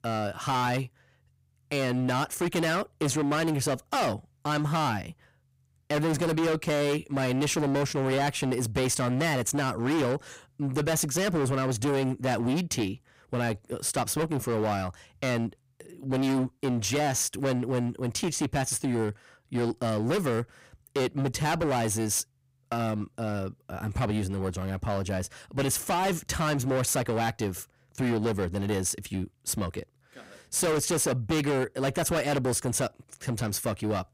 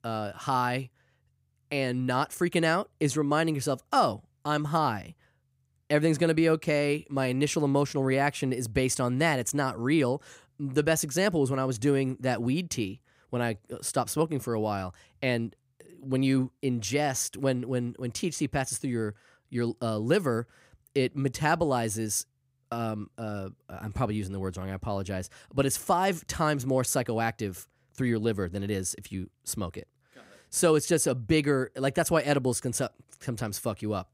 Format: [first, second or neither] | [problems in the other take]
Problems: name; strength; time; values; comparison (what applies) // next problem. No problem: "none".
second | distortion; heavy; 20% of the sound clipped